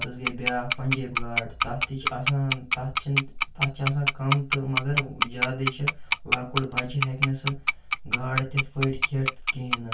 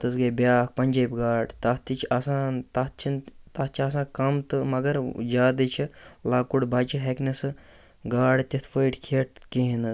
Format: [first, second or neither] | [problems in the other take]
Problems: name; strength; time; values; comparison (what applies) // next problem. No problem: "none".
second | background sound (Tick-tock); as loud as the speech // room echo; dies away in 0.2 s